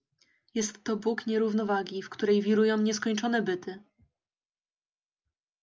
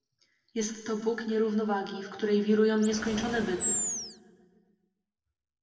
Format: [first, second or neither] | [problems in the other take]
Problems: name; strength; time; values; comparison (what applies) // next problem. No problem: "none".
first | background sound (Animal); 3 dB below the speech // room echo; dies away in 1.4 s